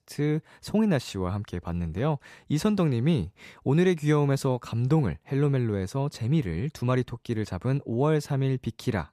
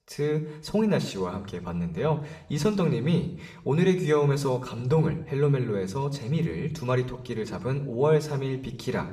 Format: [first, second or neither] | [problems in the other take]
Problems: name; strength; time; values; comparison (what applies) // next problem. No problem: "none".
first | room echo; very slight; dies away in 0.7 s